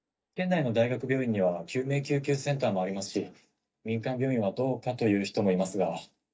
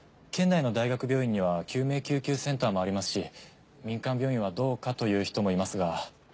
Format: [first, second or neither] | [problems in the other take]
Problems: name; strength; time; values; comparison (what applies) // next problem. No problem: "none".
second | noise reduction (neural mask model DeepFilterNet 3)